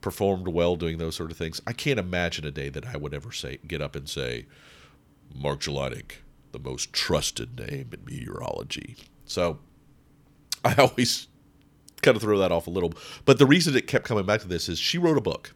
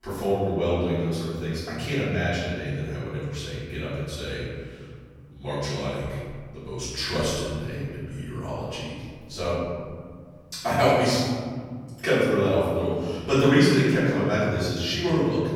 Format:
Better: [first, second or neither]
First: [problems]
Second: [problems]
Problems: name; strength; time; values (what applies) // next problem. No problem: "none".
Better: first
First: none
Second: off-mic speech; far // room echo; strong; dies away in 2 s